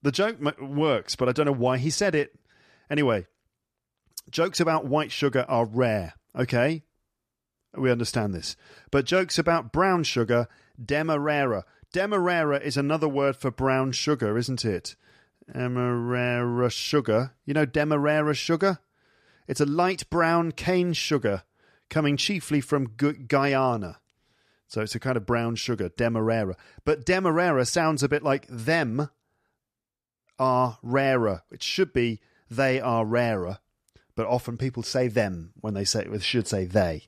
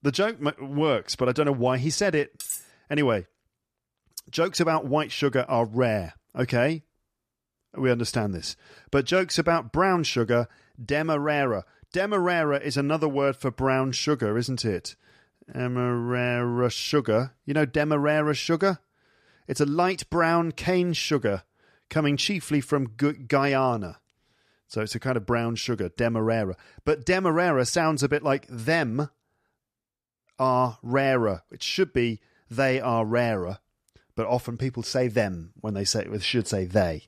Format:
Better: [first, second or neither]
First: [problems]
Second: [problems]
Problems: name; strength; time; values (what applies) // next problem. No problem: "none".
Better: first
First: none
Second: clattering dishes; noticeable; at 2.5 s; peak 7 dB below the speech